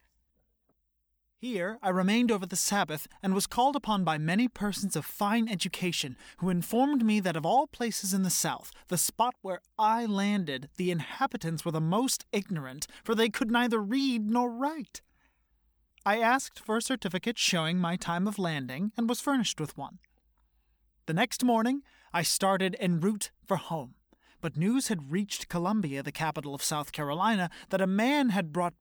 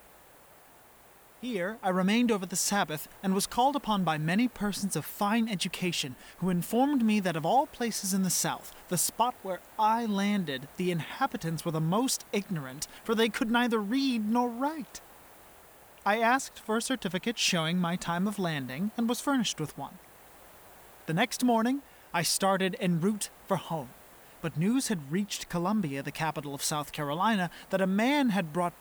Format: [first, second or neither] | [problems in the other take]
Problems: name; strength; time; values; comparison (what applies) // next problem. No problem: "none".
first | hiss; faint; throughout; 25 dB below the speech